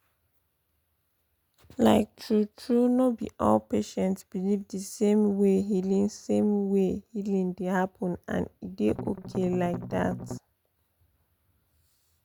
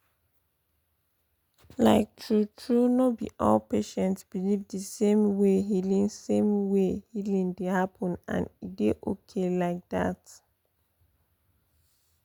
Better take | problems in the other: second | background sound (Strum); 9 dB below the speech

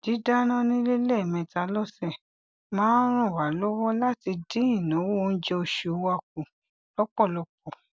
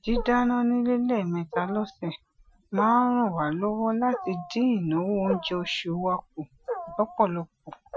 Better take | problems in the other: first | noise reduction (classical method Wiener filter)

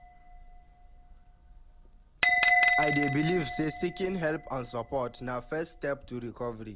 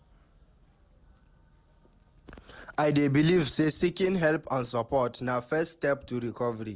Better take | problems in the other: second | background sound (Bell); 1 dB above the speech

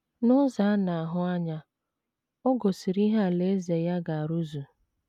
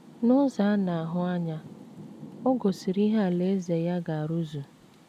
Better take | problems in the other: first | background sound (Rain); 20 dB below the speech

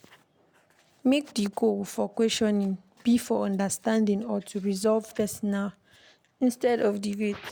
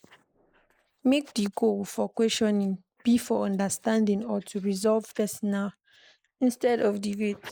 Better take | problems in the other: first | noise reduction (neural mask model Resemble Enhance denoiser)

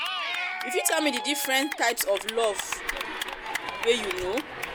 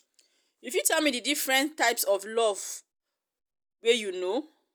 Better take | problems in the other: second | background sound (Cheering / Clapping); 4 dB below the speech

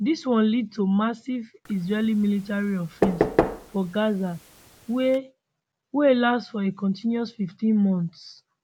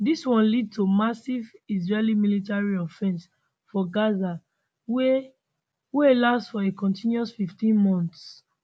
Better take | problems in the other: second | background sound (Knock / Wood); 5 dB below the speech

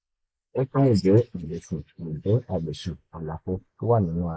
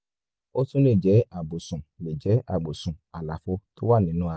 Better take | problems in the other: second | noise reduction (neural mask model Resemble Enhance denoiser)

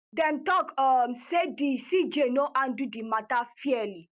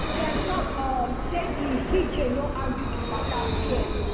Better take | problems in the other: first | background sound (Vehicle); 3 dB above the speech // room echo; dies away in 1.5 s

